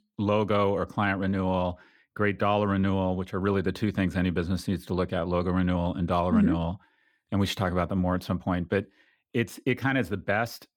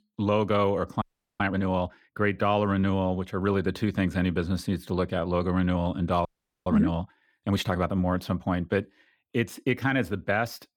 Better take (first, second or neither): first